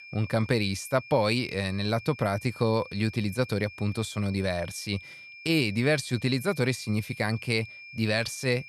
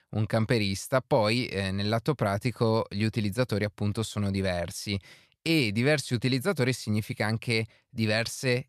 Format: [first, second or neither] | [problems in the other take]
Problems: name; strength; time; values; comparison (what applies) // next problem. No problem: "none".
second | high-pitched whine; noticeable; throughout; 2.5 kHz, 15 dB below the speech